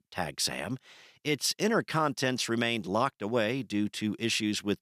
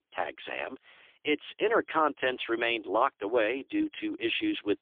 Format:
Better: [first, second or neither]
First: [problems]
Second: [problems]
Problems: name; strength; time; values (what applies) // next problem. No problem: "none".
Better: first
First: none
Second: phone-call audio; poor line; nothing above 3.5 kHz